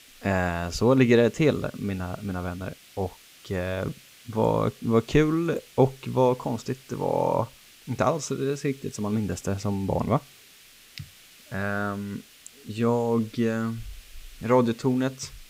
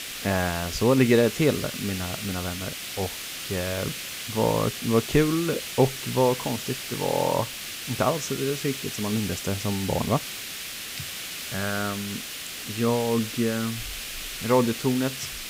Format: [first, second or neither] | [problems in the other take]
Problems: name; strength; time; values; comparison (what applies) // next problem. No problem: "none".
first | hiss; loud; throughout; 6 dB below the speech; faint in the first